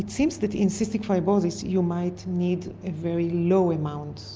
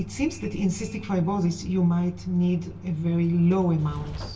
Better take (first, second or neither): first